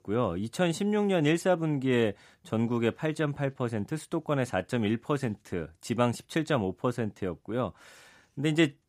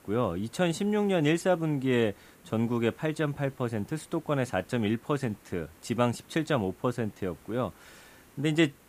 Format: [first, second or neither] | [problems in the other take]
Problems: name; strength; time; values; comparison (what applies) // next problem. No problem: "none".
first | hiss; faint; throughout; 25 dB below the speech